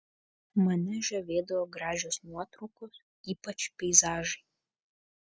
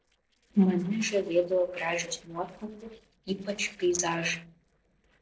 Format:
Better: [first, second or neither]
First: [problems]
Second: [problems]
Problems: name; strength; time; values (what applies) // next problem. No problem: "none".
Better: first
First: none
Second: noise reduction (neural separator model SepFormer DNS4)